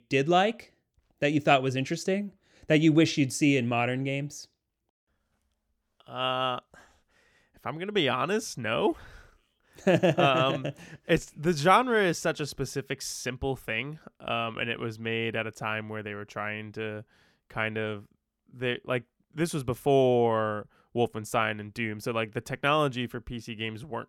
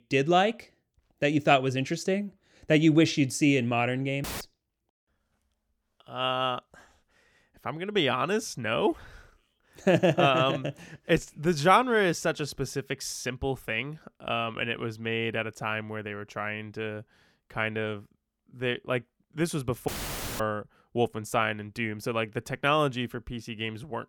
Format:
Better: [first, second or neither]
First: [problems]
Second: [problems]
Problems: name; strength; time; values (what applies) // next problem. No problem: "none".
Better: first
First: none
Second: audio cutting out; filled with static; at 4 s and at 20 s for 0.5 s